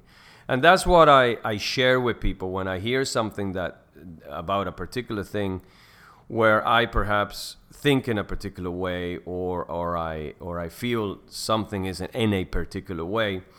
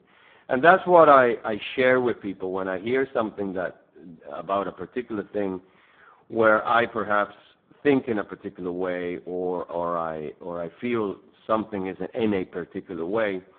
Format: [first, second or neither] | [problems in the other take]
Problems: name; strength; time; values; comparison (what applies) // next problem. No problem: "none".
first | phone-call audio; poor line